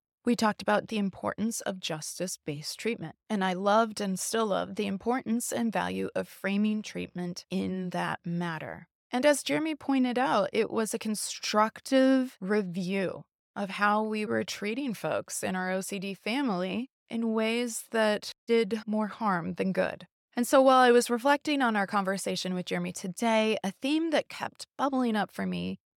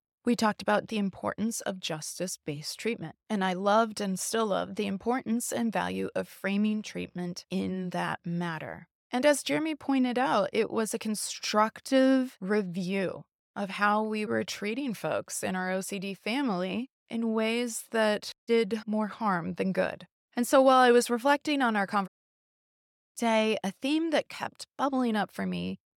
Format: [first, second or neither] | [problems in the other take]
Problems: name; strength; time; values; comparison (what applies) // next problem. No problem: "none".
first | audio cutting out; at 22 s for 1 s